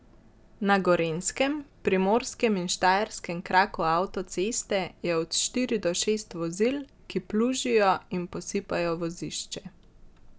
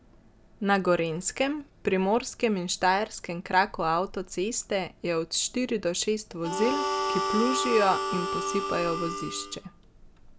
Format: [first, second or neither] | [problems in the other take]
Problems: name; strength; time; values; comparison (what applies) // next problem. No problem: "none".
first | background sound (Harmonica); 2 dB below the speech